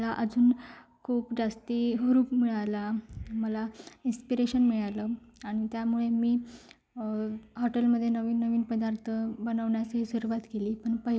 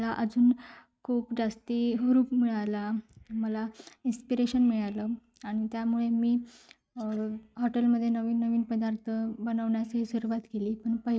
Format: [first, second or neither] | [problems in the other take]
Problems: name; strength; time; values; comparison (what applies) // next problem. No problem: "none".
first | noise reduction (neural mask model RNNoise)